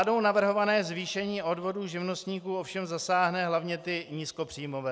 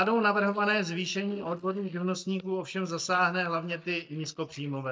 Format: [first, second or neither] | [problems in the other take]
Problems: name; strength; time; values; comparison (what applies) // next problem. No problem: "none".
first | noise reduction (neural mask model DeepFilterNet 3)